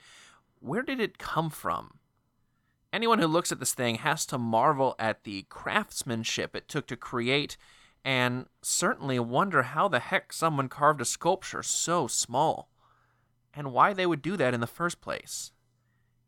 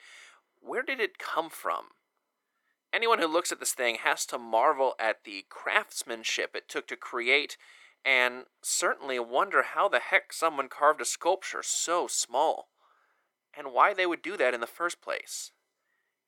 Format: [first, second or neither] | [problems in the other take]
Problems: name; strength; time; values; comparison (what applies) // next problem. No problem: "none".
first | thin; very; fading below 350 Hz